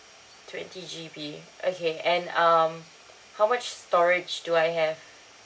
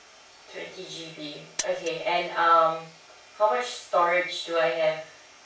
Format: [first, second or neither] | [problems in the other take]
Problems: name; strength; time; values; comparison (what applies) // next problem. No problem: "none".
first | background sound (Mechanisms); 11 dB below the speech // room echo; dies away in 0.3 s